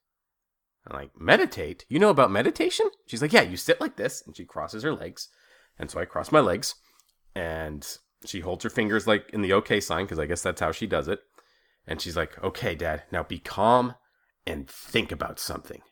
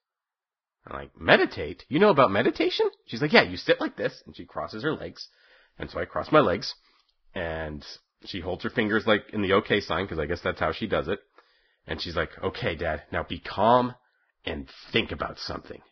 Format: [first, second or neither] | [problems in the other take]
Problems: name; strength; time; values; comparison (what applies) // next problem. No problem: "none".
first | garbled, watery; badly; nothing above 5.5 kHz